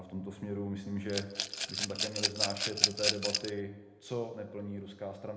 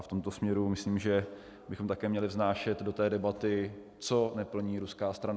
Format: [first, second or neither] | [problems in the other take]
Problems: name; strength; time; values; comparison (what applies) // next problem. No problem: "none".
second | background sound (Rattle / Glass); 4 dB above the speech // room echo; dies away in 0.8 s